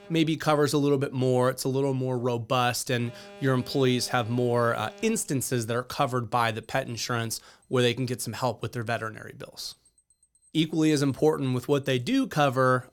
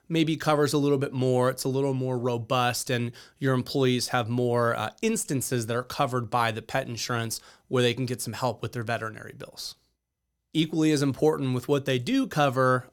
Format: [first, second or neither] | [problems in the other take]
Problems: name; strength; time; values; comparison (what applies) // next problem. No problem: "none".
second | alarms or sirens; faint; throughout; 25 dB below the speech